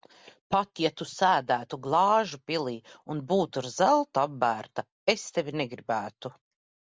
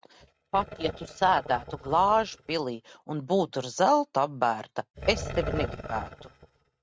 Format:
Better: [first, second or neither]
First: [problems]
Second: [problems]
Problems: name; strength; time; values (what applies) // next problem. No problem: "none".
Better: first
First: none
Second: noise reduction (neural mask model RNNoise)